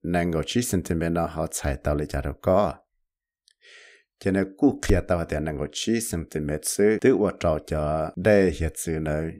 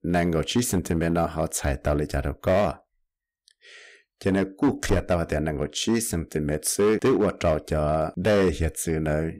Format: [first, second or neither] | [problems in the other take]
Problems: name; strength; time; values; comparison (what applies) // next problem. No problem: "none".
first | distortion; slight; 6% of the sound clipped